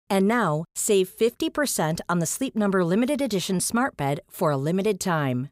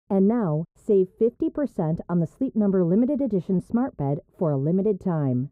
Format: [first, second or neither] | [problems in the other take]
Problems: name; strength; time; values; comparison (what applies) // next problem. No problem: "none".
first | muffled; very; fading above 1.5 kHz